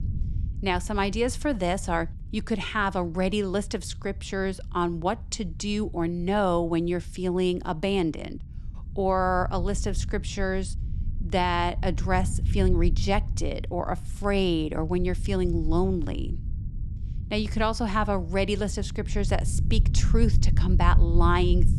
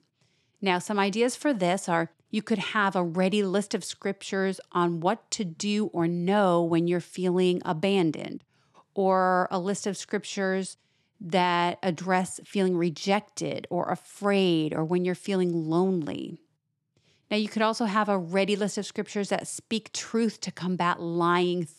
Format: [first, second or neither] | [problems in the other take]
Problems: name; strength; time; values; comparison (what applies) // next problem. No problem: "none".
second | low rumble; noticeable; throughout; 20 dB below the speech